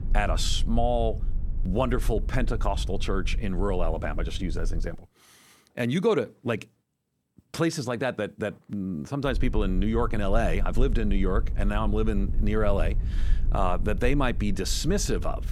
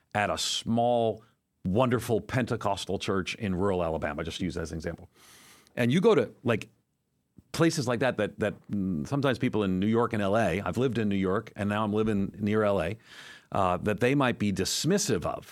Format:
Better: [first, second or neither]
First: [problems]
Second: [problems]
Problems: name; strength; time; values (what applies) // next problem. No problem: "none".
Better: second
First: low rumble; faint; until 5 s and from 9.5 s on; 20 dB below the speech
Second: none